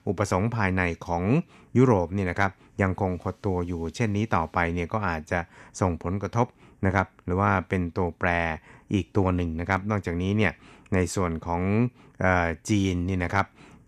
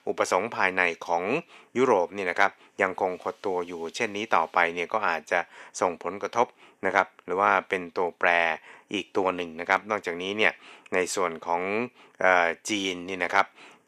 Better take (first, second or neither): first